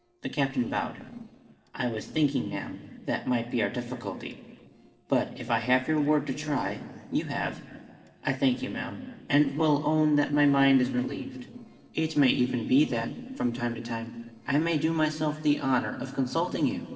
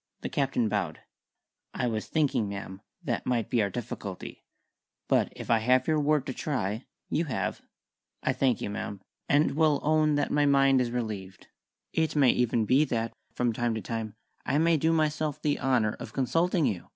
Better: second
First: noise reduction (neural separator model SepFormer DNS4)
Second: none

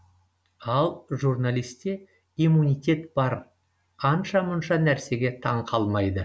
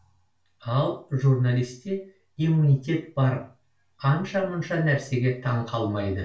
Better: first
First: none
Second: room echo; dies away in 0.3 s

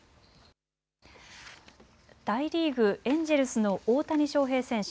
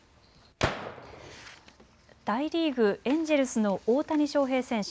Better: first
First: none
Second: background sound (Gunshot, gunfire); 7 dB below the speech

